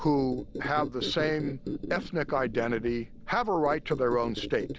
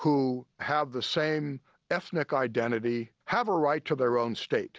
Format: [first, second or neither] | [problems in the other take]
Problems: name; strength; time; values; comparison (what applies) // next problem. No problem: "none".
second | background sound (Squeak); 8 dB below the speech